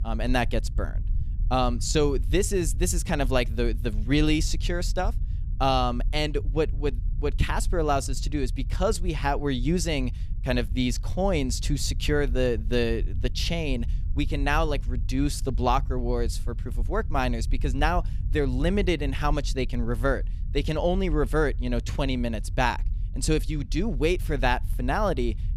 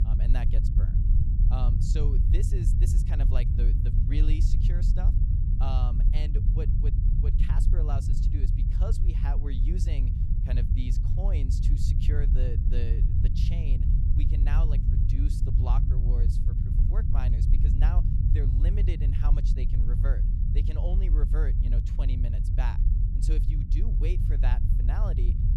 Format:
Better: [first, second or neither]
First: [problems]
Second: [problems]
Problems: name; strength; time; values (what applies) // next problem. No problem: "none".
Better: first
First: low rumble; faint; throughout; 20 dB below the speech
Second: low rumble; loud; throughout; as loud as the speech